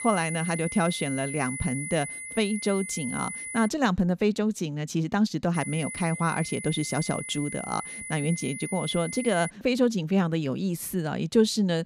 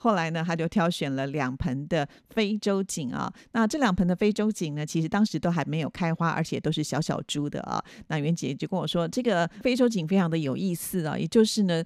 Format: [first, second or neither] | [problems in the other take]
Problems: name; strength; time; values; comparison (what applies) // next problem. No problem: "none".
second | high-pitched whine; loud; until 3.5 s and from 5.5 to 9.5 s; 2 kHz, 7 dB below the speech